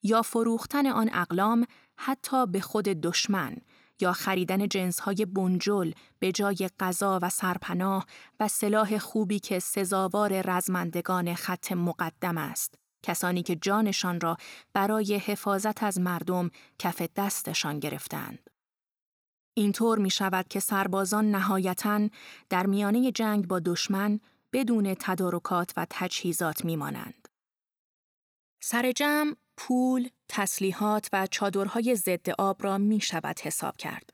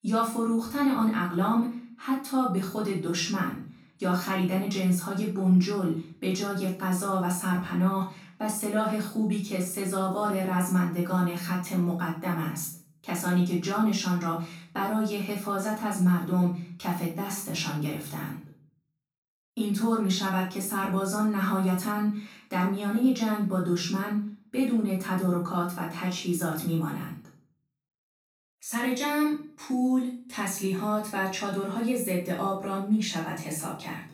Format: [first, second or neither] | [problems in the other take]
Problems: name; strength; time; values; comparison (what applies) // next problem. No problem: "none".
first | off-mic speech; far // room echo; noticeable; dies away in 0.4 s